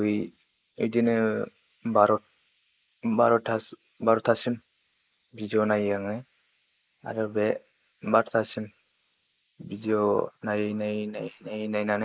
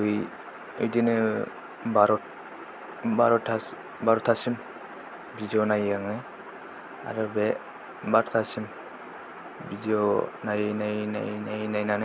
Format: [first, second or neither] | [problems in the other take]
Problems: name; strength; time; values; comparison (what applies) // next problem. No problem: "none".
second | noise reduction (neural mask model Resemble Enhance denoiser)